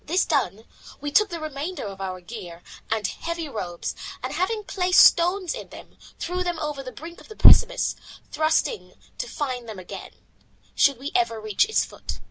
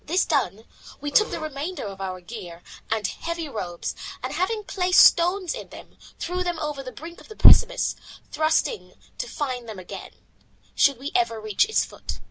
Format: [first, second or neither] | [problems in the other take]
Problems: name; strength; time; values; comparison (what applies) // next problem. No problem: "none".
first | background sound (Burping, eructation); 14 dB below the speech